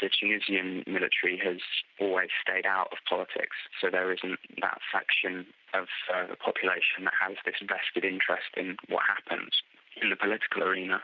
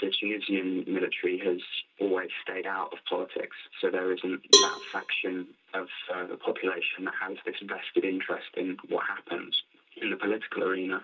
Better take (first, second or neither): first